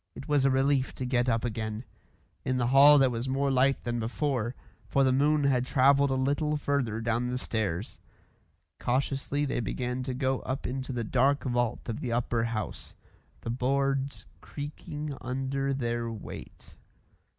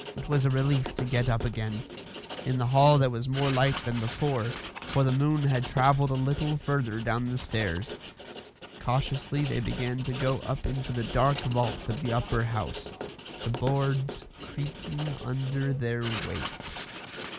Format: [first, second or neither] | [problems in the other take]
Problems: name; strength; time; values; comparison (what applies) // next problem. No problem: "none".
first | background sound (Writing); 12 dB below the speech